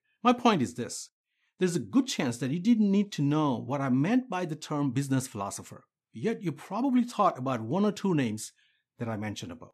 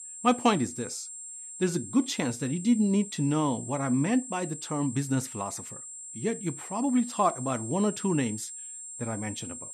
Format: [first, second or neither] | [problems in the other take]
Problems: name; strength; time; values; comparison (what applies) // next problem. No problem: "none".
first | high-pitched whine; noticeable; throughout; 7.5 kHz, 10 dB below the speech